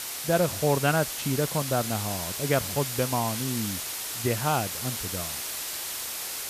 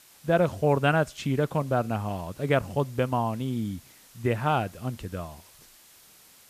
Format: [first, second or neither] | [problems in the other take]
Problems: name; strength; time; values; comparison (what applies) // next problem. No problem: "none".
second | hiss; loud; throughout; 3 dB below the speech; faint in the second